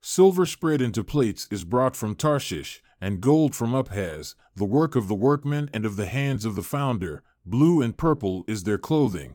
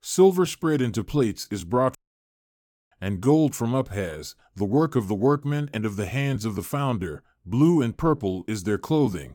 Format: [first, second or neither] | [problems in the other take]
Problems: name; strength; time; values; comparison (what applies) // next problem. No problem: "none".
first | audio cutting out; at 2 s for 1 s